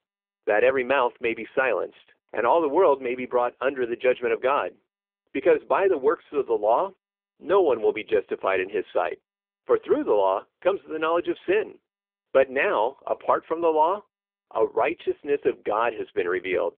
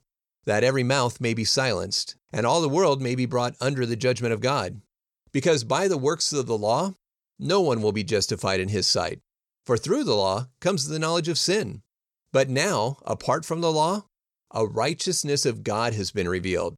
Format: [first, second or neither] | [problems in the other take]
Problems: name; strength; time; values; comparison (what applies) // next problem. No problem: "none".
second | phone-call audio; poor line